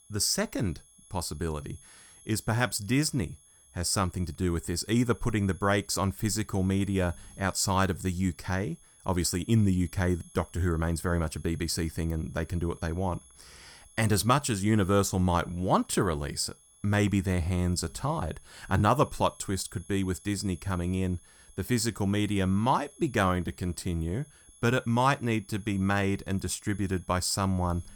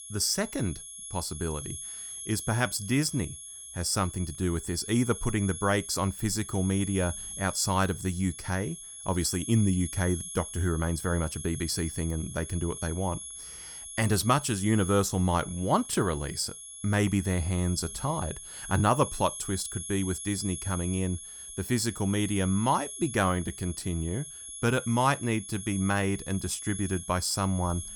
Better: first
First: high-pitched whine; faint; throughout; 11 kHz, 25 dB below the speech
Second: high-pitched whine; loud; throughout; 11 kHz, 9 dB below the speech

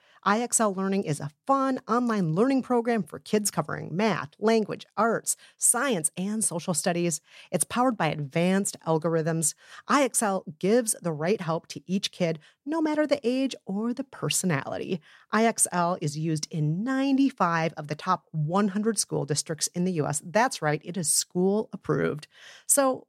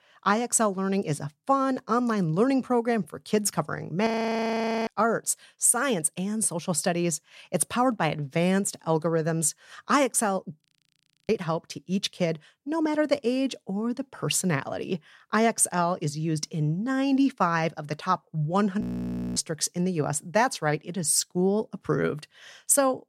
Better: first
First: none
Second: audio freezing; at 4 s for 1 s, at 11 s for 0.5 s and at 19 s for 0.5 s

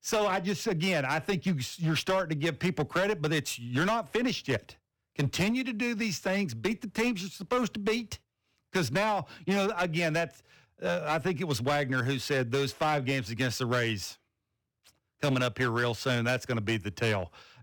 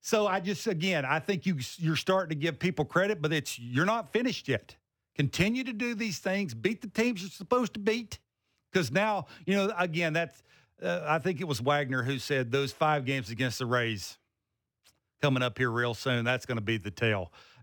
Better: second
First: distortion; slight; 9% of the sound clipped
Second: none

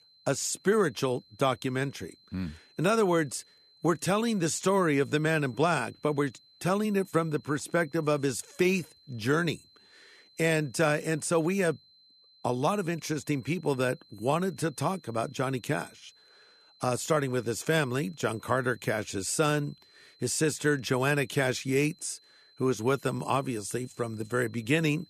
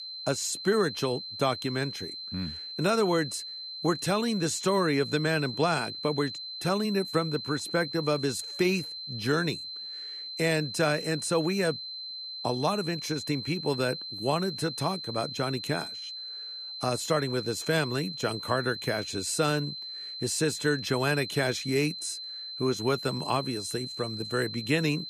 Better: first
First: high-pitched whine; faint; throughout; 4 kHz, 30 dB below the speech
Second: high-pitched whine; loud; throughout; 4 kHz, 7 dB below the speech

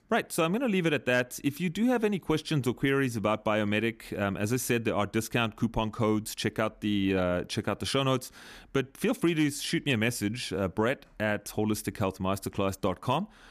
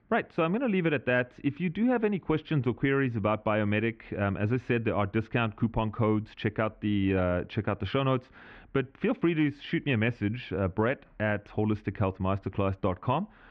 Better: first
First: none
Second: muffled; very; fading above 2.5 kHz

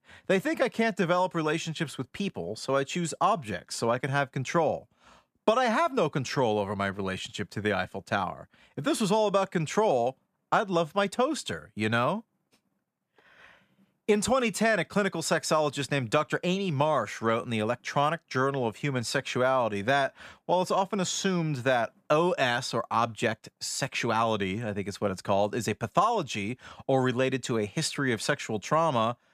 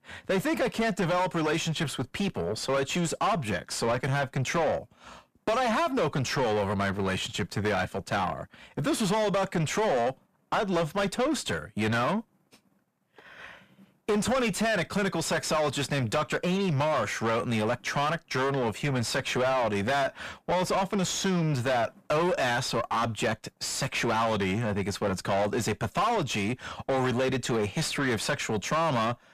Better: first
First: none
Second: distortion; heavy; 6 dB below the speech

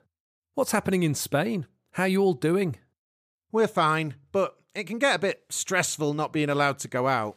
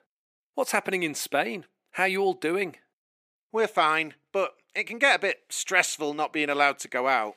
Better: first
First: none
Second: thin; somewhat; fading below 250 Hz

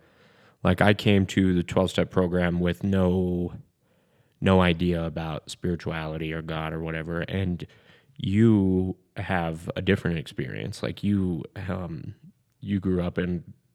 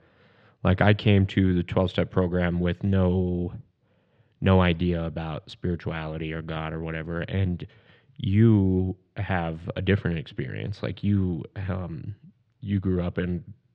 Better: first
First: none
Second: muffled; very slightly; fading above 4 kHz

